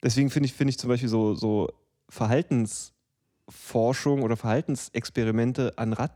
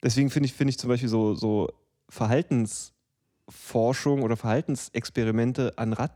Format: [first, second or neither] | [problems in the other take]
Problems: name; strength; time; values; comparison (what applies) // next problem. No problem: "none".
neither | none